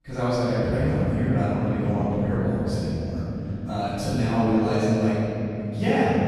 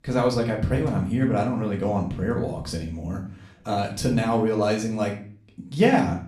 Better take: second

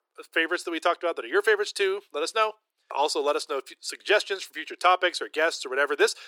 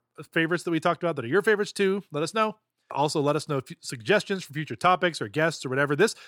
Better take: second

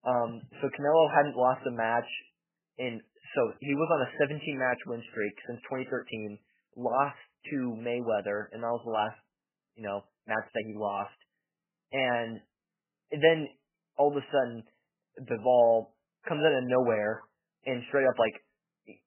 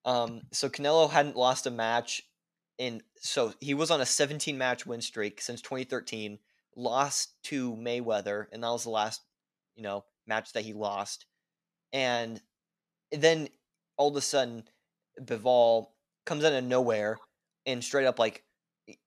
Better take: second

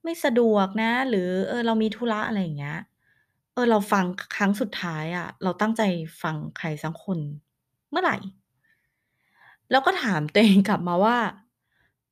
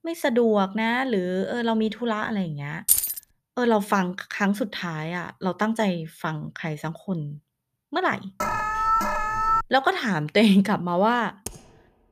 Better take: first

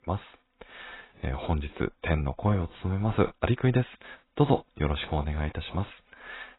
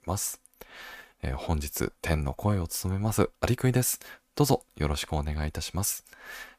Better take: second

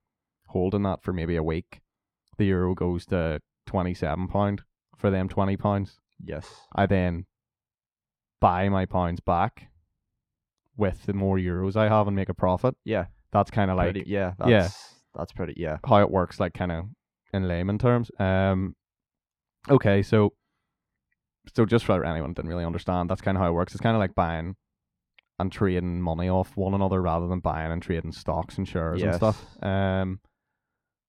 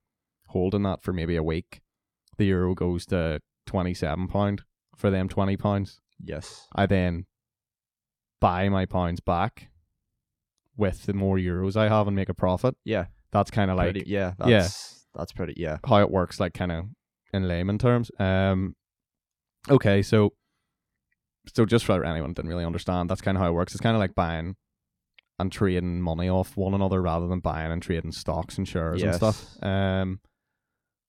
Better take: second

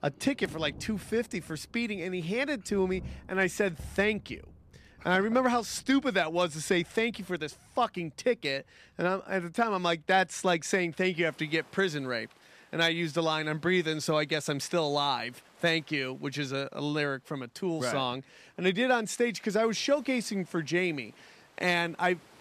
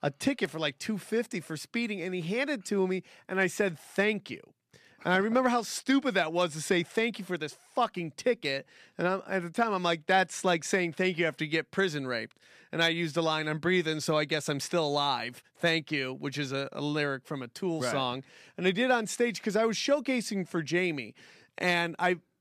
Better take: second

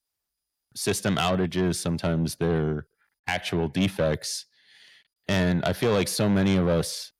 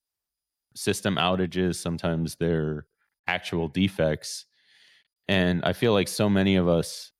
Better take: second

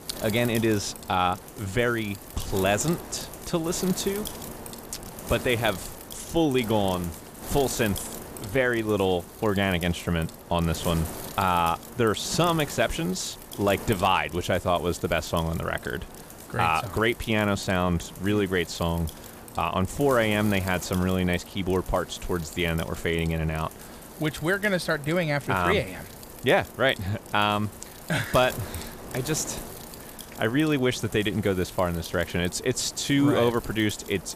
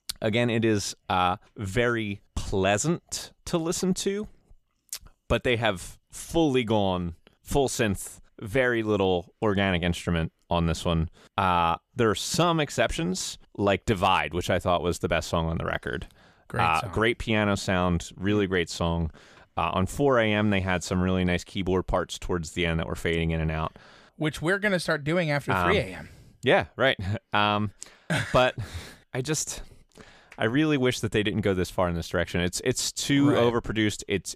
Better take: second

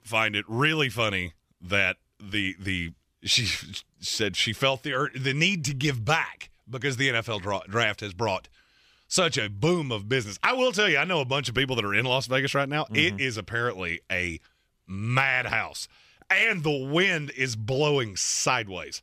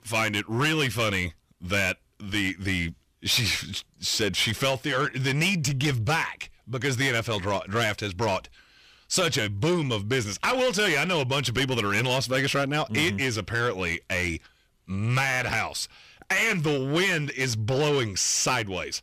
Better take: first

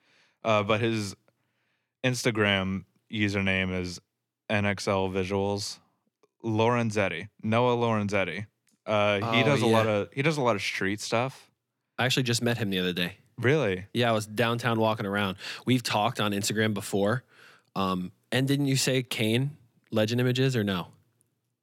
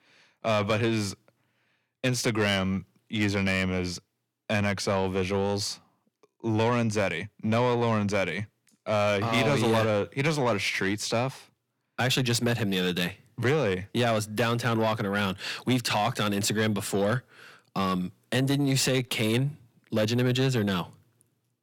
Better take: first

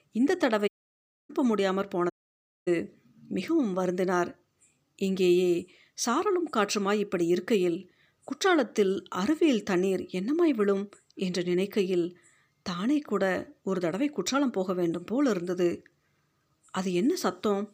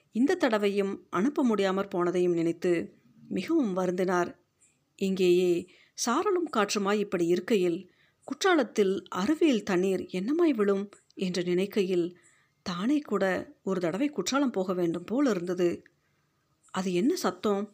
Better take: second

